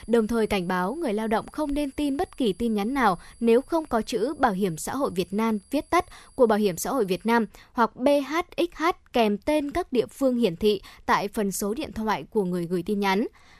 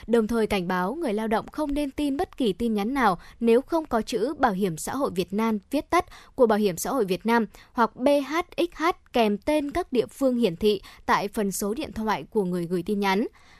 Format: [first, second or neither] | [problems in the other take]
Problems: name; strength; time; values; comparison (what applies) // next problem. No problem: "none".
second | high-pitched whine; faint; until 7.5 s; 10.5 kHz, 30 dB below the speech